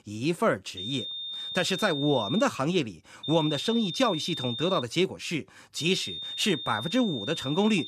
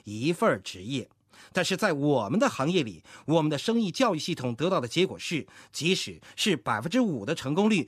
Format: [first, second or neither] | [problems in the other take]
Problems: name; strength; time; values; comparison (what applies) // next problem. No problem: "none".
second | high-pitched whine; loud; from 1 to 2.5 s, from 3 to 5 s and from 6 s on; 3.5 kHz, 6 dB below the speech